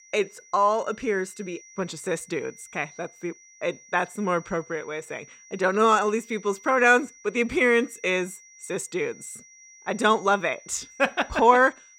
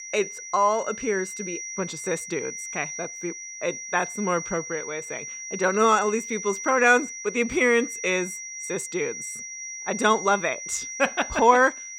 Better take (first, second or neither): first